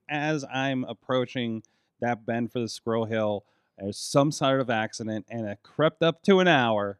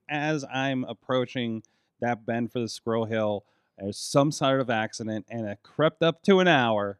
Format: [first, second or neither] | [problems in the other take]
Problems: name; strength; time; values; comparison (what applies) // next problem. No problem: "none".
neither | none